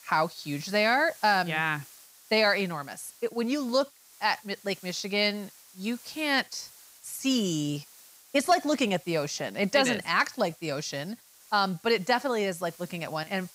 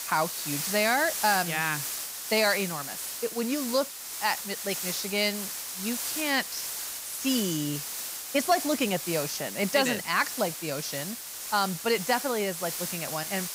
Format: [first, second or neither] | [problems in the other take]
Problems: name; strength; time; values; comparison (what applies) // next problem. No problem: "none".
first | hiss; loud; throughout; 4 dB below the speech; faint in the first